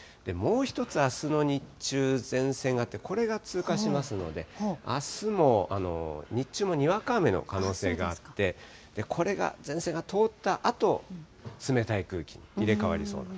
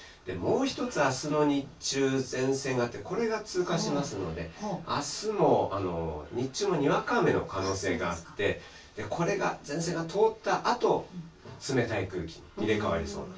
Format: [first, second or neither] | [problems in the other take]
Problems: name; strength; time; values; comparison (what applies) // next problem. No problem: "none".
first | room echo; dies away in 0.1 s